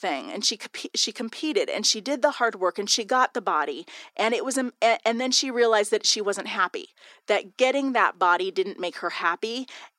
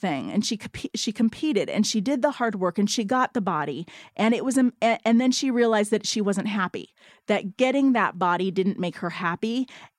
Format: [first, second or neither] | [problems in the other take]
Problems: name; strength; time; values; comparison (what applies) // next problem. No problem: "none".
second | thin; somewhat; fading below 350 Hz